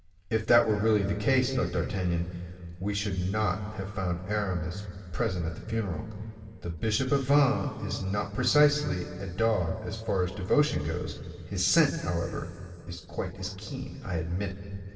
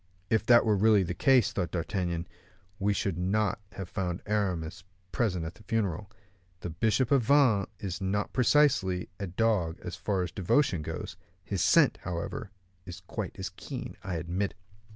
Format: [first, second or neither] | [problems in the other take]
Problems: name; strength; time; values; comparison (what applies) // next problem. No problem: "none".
second | room echo; dies away in 2.7 s